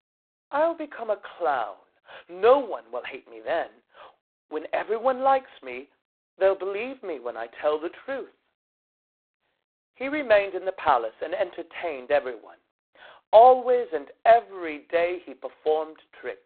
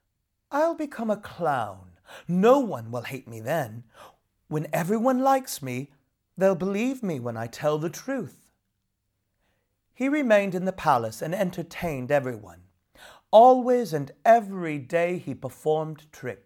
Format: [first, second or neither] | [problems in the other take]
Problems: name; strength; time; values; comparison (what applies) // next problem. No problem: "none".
second | phone-call audio; poor line; nothing above 4 kHz